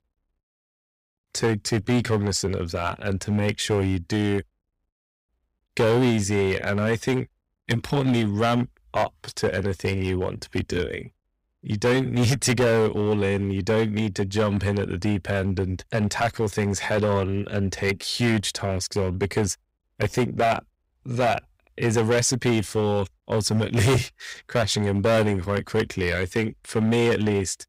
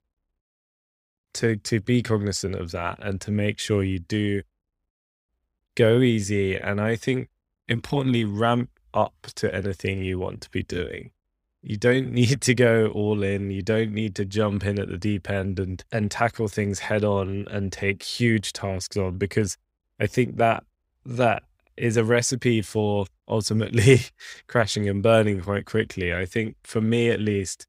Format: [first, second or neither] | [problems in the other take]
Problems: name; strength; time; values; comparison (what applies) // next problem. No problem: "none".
second | distortion; heavy; 8% of the sound clipped